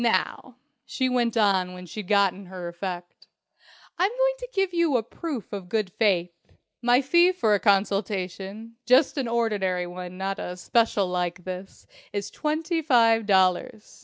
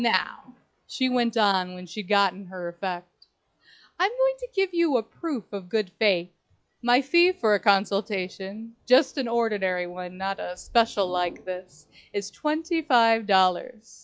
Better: first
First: none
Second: noise reduction (classical method log-MMSE)

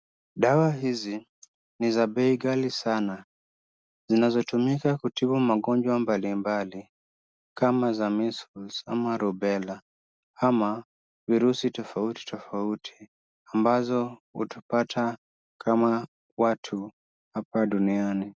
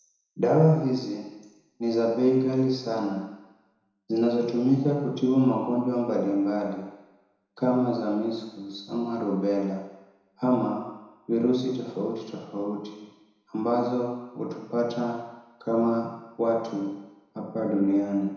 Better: first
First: none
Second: room echo; dies away in 1 s

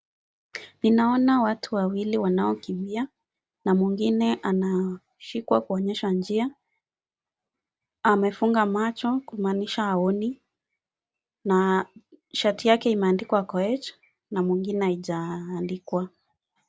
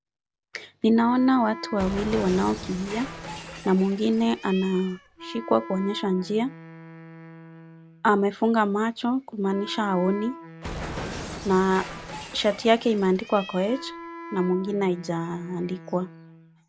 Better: first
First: none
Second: background sound (Cat + Wind instrument, woodwind instrument); 13 dB below the speech

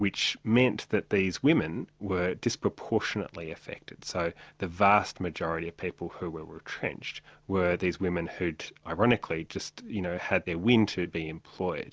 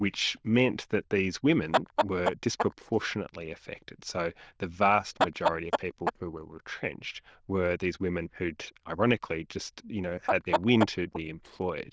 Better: first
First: none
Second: noise reduction (neural diffusion model UNIVERSE++)

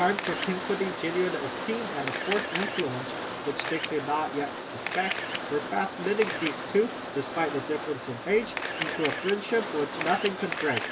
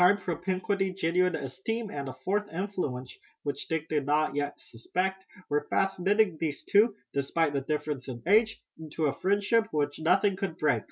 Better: second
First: background sound (Rain + Camera); 4 dB below the speech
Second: none

